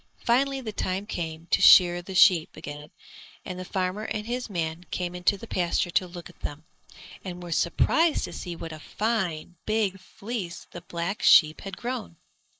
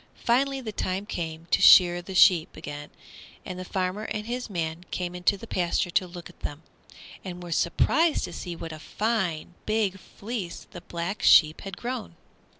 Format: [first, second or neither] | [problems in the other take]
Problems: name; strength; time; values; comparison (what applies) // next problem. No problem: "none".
second | noise reduction (neural mask model Resemble Enhance denoiser)